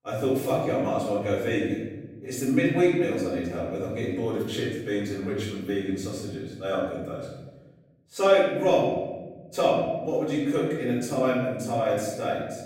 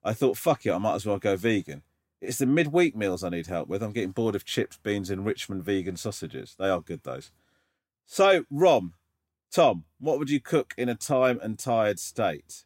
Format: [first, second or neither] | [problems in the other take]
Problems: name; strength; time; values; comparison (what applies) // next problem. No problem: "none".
second | off-mic speech; far // room echo; noticeable; dies away in 1.2 s